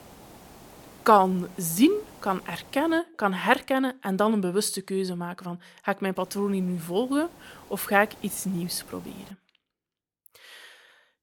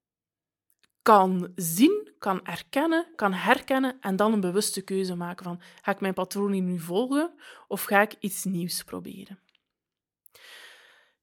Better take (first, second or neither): second